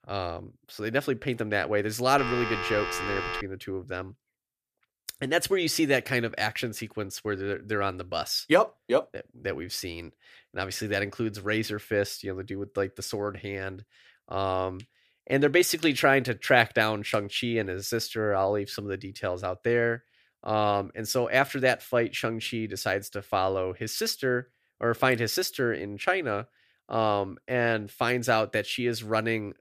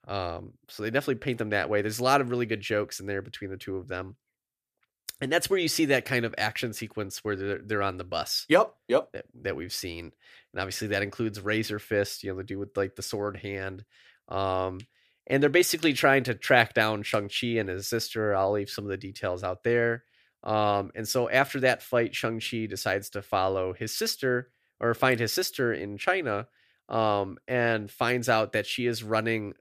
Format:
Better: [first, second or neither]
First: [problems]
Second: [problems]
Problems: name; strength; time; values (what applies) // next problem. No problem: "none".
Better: second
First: phone ringing; noticeable; from 2 to 3.5 s; peak 3 dB below the speech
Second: none